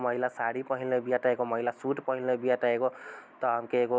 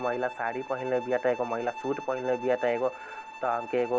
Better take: first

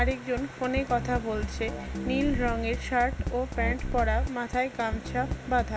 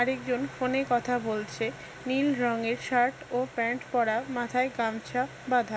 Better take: second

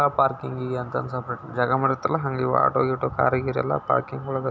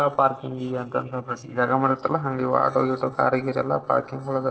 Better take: first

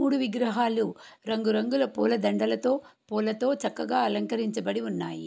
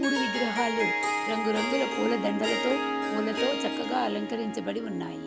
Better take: first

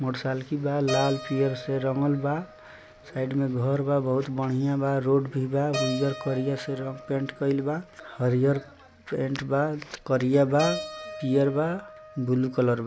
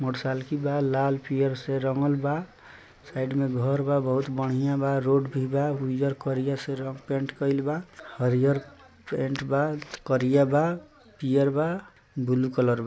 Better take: second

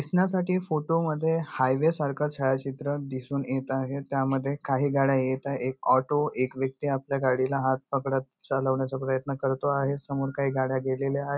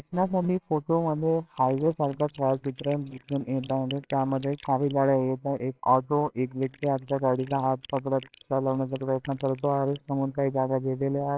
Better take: first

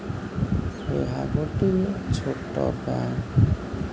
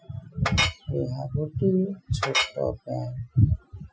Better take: first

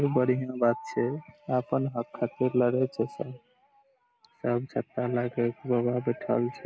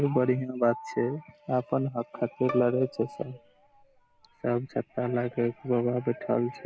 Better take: first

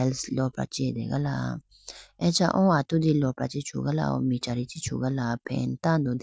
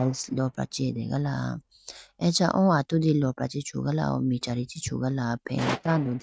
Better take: first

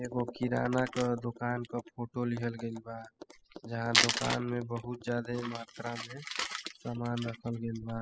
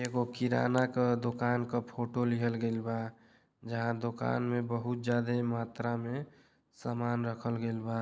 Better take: second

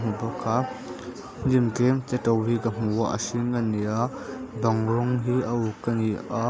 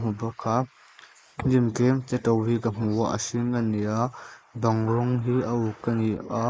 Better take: first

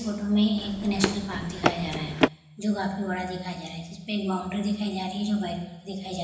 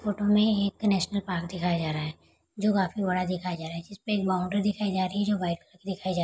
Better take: second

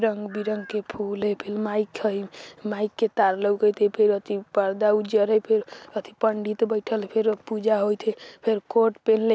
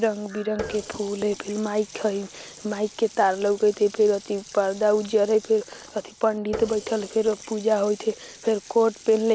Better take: first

